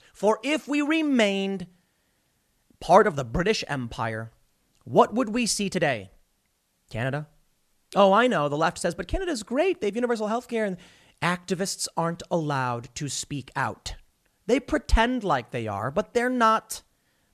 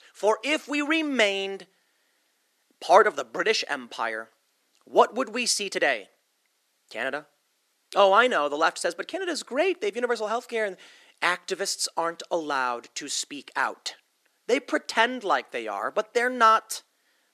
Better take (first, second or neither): first